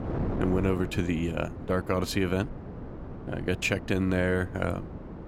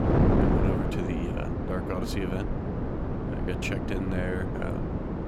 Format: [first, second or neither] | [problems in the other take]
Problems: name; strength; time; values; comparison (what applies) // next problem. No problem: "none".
first | wind noise on the microphone; heavy; 2 dB above the speech; occasional gusts in the first